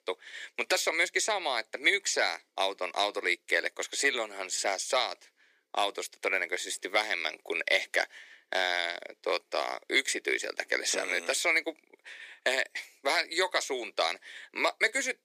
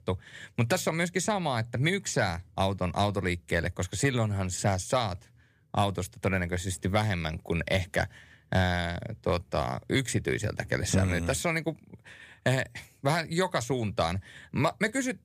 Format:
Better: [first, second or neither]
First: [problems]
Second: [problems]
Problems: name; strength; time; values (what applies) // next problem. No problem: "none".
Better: second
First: thin; very; fading below 350 Hz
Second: none